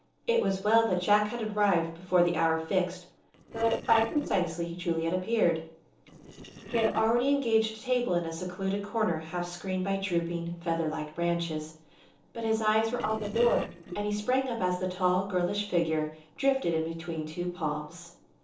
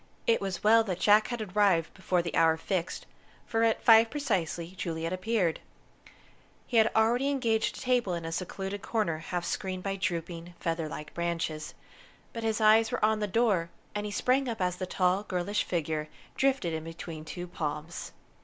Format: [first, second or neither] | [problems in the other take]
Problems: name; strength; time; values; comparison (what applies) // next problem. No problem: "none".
second | noise reduction (neural separator model SepFormer DNS4)